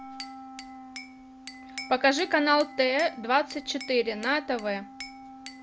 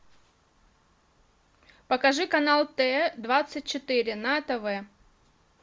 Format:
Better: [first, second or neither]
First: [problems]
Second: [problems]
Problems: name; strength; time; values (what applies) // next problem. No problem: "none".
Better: second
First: background sound (Glass / Bell + Wind instrument, woodwind instrument); 14 dB below the speech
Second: none